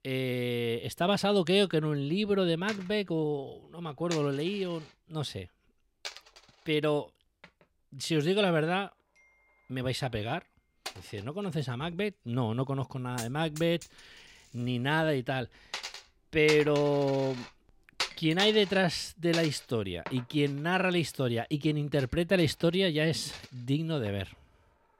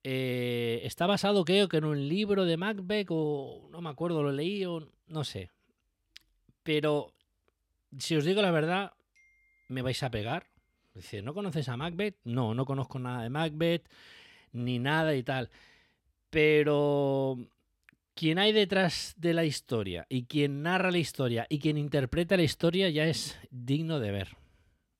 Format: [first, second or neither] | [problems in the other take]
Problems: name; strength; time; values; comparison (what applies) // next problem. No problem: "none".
second | household noises; noticeable; throughout; 10 dB below the speech